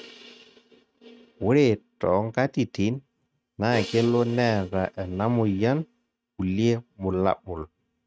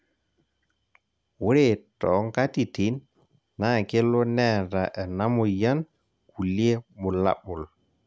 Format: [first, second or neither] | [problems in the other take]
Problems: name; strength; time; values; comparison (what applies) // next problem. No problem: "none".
second | noise reduction (neural mask model RNNoise)